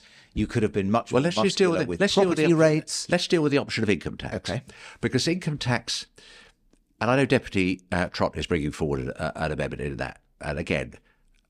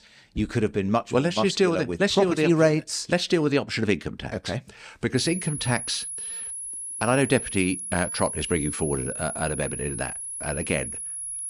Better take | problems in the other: first | high-pitched whine; loud; from 5 s on; 10.5 kHz, 6 dB below the speech

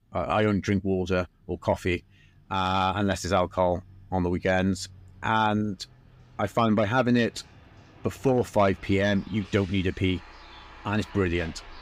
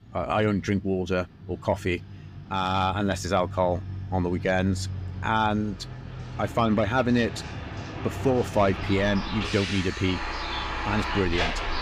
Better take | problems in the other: first | traffic noise; loud; throughout; 8 dB below the speech; faint in the first

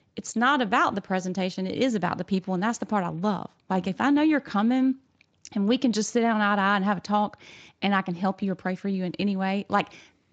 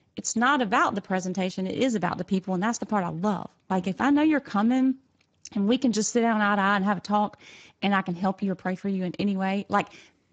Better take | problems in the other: first | garbled, watery; badly; nothing above 7.5 kHz; slightly in the first

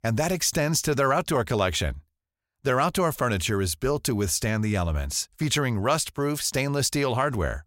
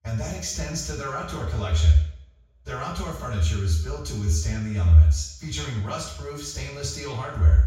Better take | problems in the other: first | room echo; noticeable; dies away in 0.6 s // off-mic speech; far

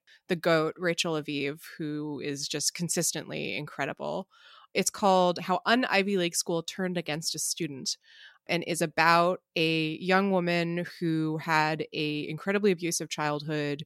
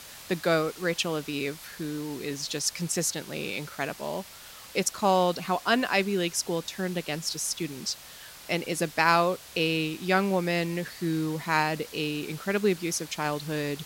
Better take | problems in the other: first | hiss; noticeable; throughout; 15 dB below the speech

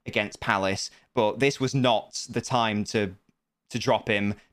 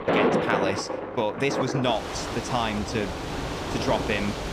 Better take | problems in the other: first | rain or running water; loud; throughout; as loud as the speech

